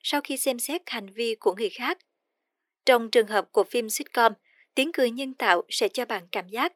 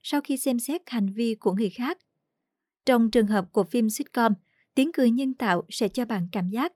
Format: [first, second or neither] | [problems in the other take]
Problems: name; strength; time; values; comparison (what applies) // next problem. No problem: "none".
second | thin; somewhat; fading below 350 Hz